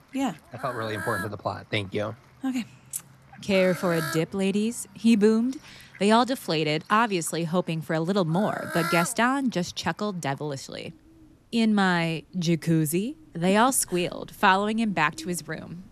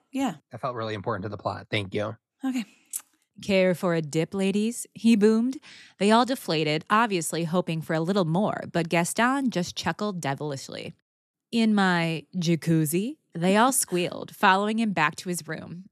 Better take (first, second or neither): second